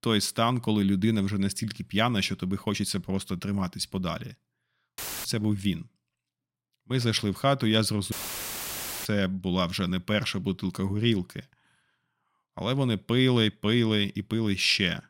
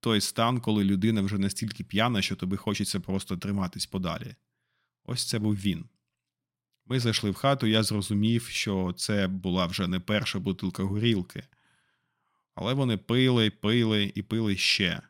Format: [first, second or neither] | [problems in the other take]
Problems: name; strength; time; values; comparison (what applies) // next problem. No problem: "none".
second | audio cutting out; filled with static; at 5 s and at 8 s for 1 s